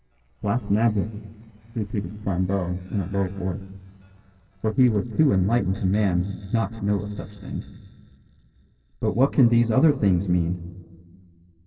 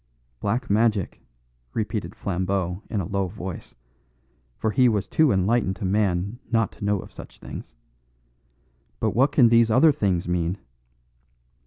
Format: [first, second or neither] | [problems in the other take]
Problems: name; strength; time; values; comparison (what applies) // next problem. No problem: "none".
second | noise reduction (neural separator model SepFormer DNS4)